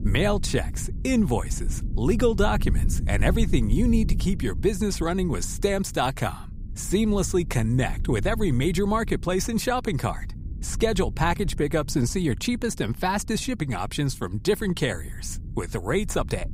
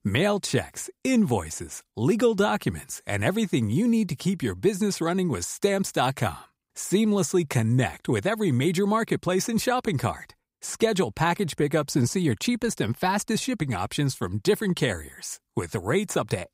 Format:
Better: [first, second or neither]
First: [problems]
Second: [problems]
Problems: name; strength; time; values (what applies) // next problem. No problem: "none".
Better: second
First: low rumble; noticeable; throughout; 20 dB below the speech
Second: none